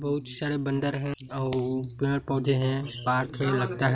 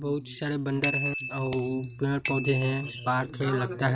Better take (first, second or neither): first